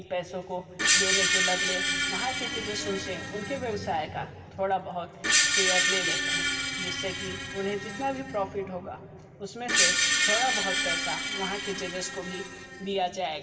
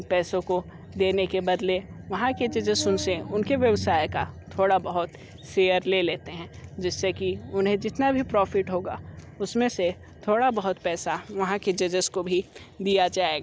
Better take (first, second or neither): second